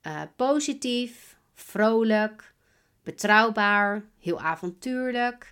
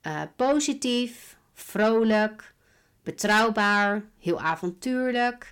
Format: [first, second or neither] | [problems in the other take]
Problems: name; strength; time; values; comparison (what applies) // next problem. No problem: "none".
first | distortion; slight; 10 dB below the speech